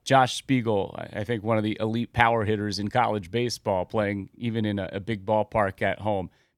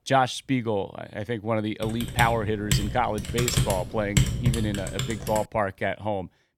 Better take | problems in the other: first | keyboard typing; loud; from 2 to 5.5 s; peak 4 dB above the speech

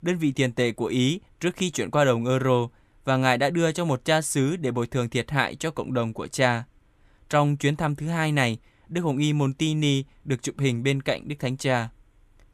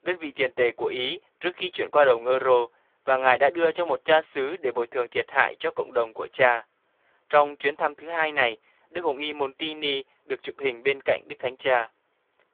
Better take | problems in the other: first | phone-call audio; poor line; nothing above 3.5 kHz

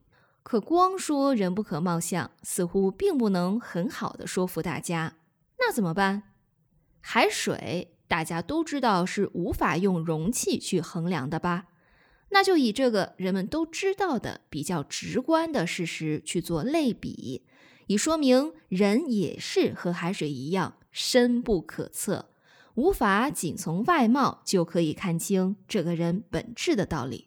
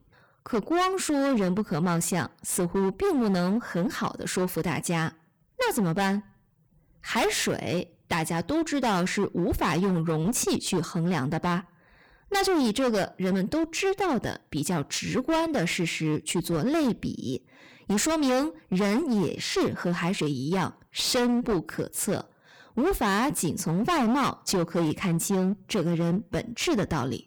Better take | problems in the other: first | distortion; heavy; 20% of the sound clipped

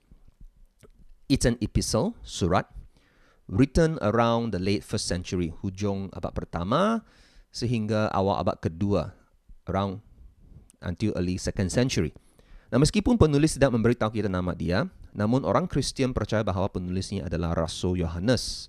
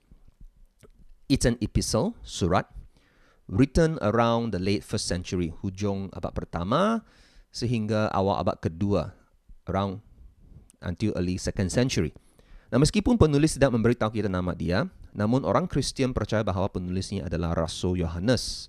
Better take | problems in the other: neither | none

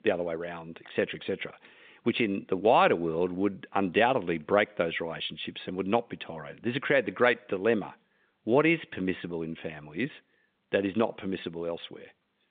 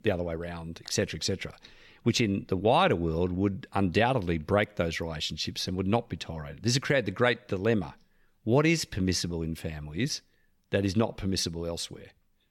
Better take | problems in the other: second | phone-call audio; nothing above 3.5 kHz

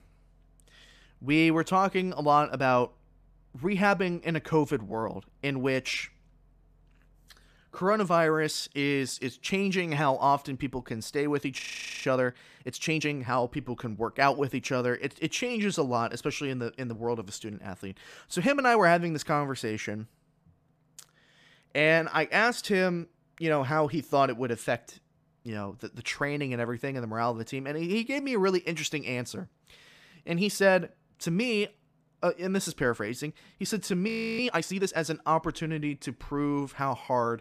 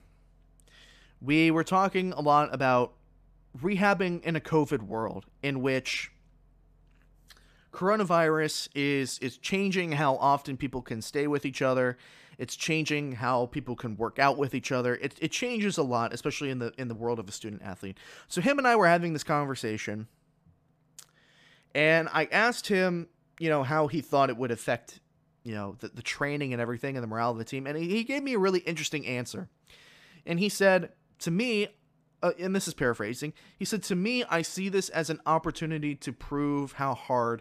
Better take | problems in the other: second | audio freezing; at 12 s and at 34 s

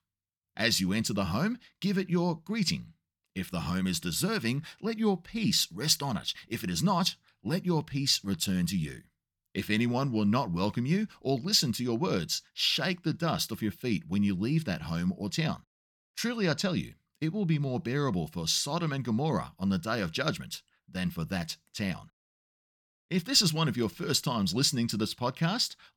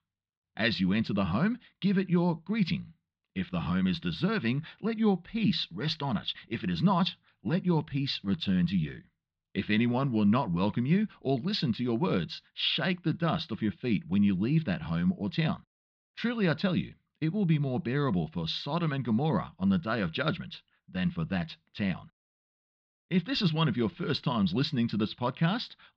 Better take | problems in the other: first | muffled; slightly; fading above 4 kHz

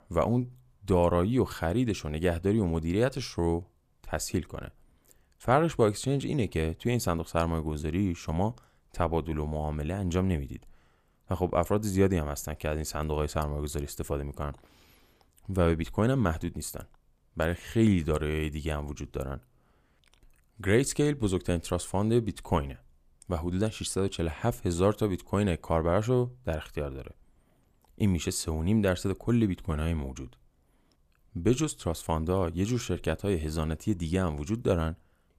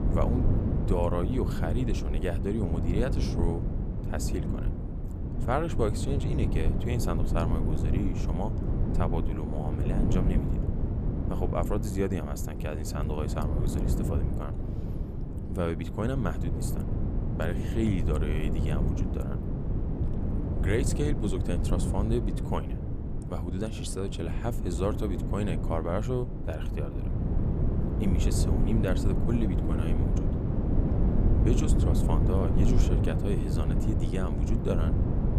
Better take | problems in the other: first | low rumble; loud; throughout; 3 dB below the speech

